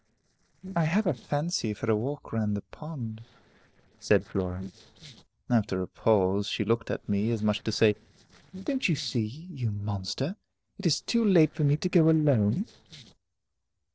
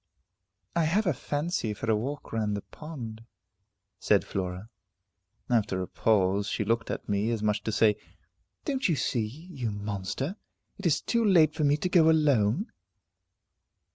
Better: second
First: noise reduction (neural separator model SepFormer DNS4)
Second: none

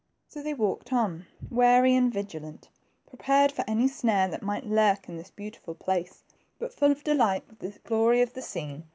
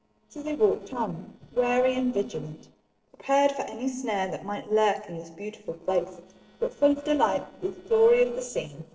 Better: first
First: none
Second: noise reduction (neural separator model SepFormer DNS4)

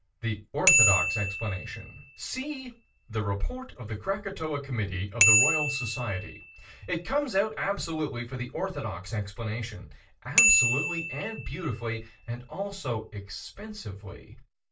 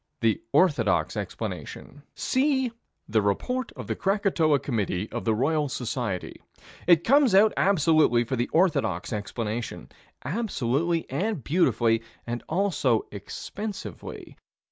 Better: second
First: background sound (Bicycle bell); 2 dB above the speech // room echo; dies away in 0.2 s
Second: none

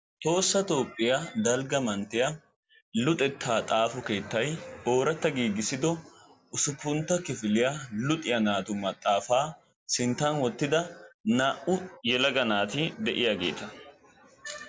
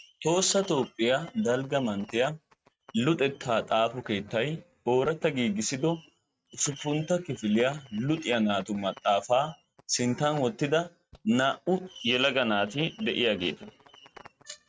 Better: first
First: none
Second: noise reduction (neural mask model RNNoise)

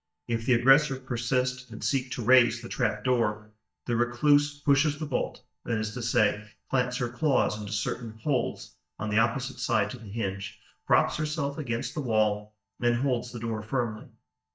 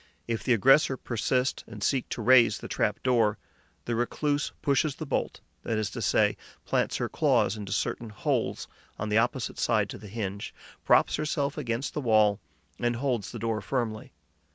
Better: second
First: noise reduction (neural mask model DeepFilterNet 3)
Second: none

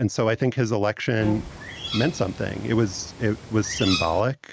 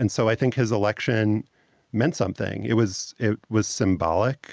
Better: second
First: background sound (Bird + Bowed string instrument); 9 dB below the speech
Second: none

